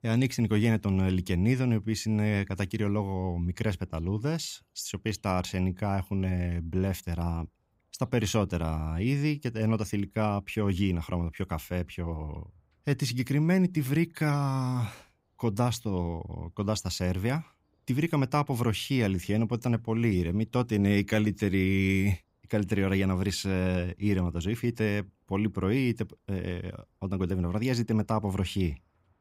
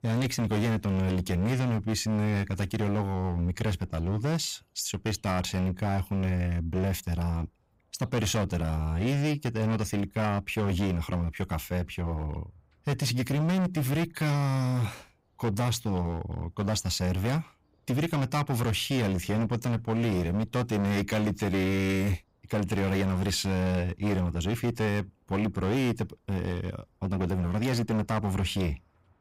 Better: first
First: none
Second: distortion; heavy; 21% of the sound clipped

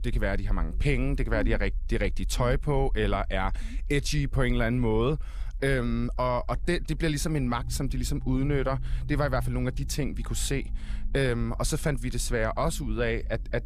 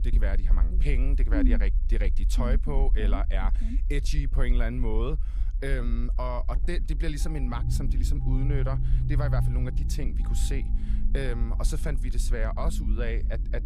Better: first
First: low rumble; faint; throughout; 20 dB below the speech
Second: low rumble; loud; throughout; 8 dB below the speech

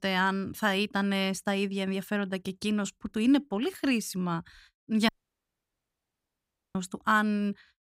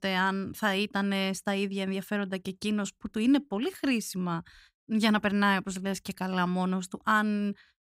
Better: second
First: audio cutting out; at 5 s for 1.5 s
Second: none

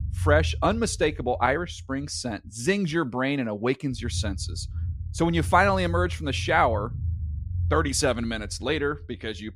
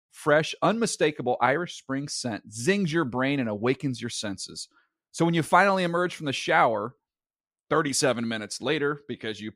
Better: second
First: low rumble; faint; throughout; 25 dB below the speech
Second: none

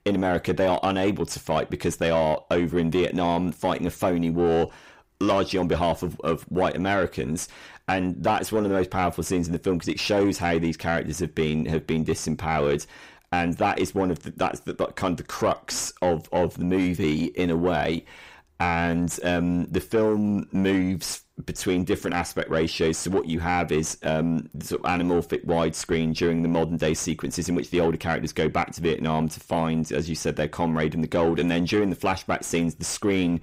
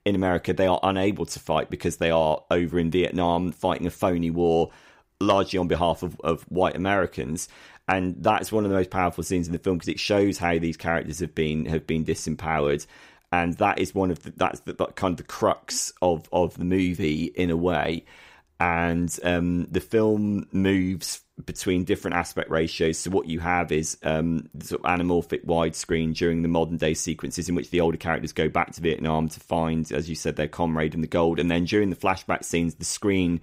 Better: second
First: distortion; slight; 10 dB below the speech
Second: none

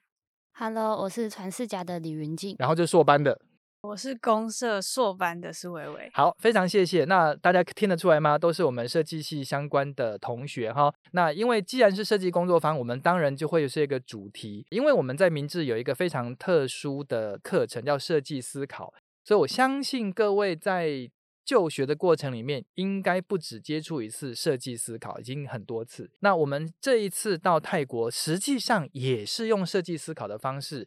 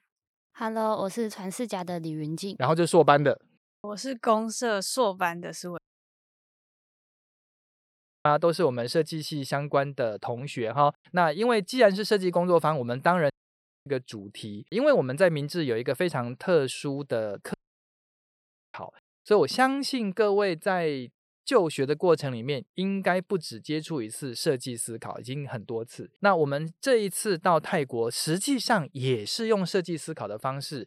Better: first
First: none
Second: audio cutting out; at 6 s for 2.5 s, at 13 s for 0.5 s and at 18 s for 1 s

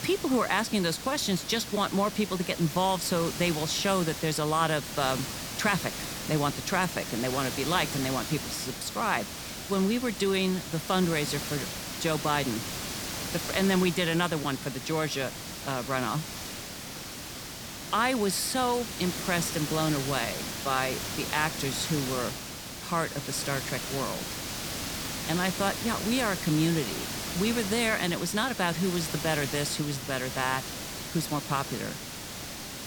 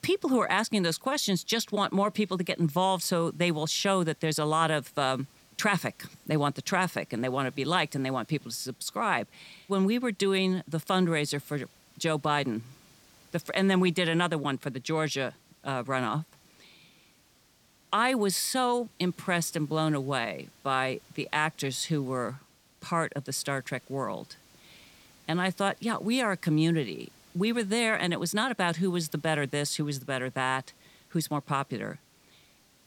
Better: second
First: hiss; loud; throughout; 6 dB below the speech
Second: hiss; faint; throughout; 30 dB below the speech

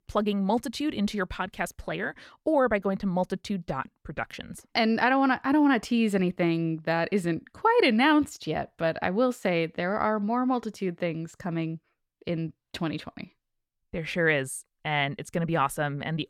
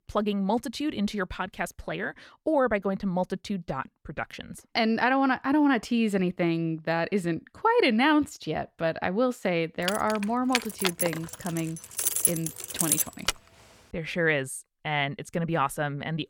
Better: first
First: none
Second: jangling keys; loud; from 10 to 13 s; peak 5 dB above the speech

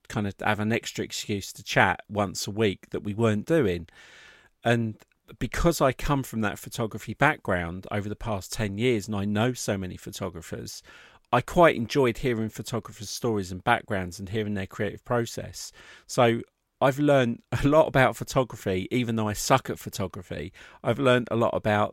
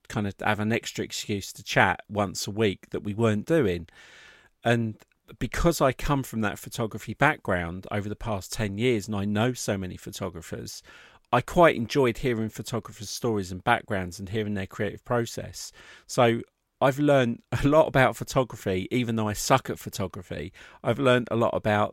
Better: neither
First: none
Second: none

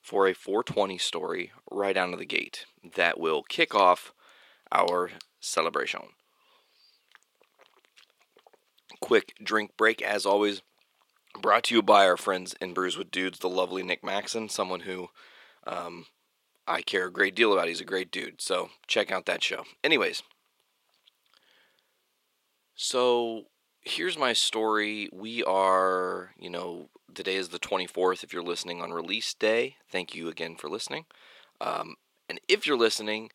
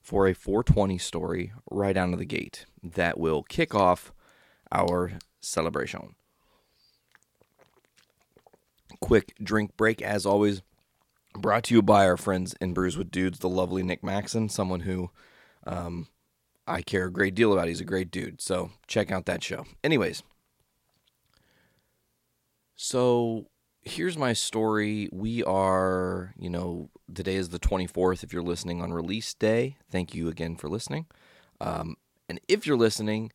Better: second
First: thin; somewhat; fading below 400 Hz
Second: none

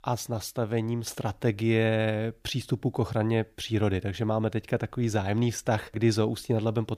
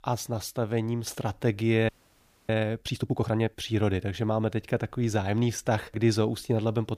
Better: first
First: none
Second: audio freezing; at 2 s for 0.5 s

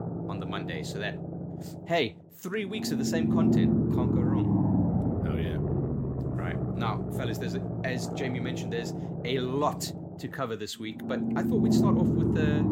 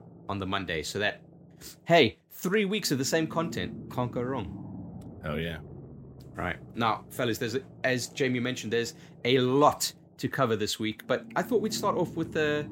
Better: second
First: low rumble; loud; throughout; as loud as the speech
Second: low rumble; faint; throughout; 20 dB below the speech

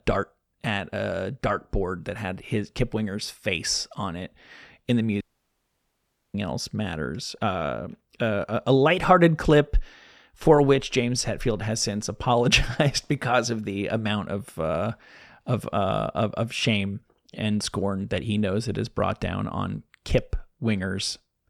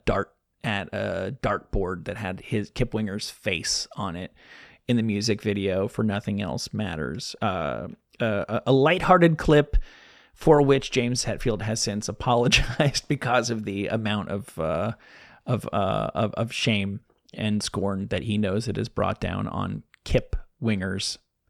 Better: second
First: audio cutting out; at 5 s for 1 s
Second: none

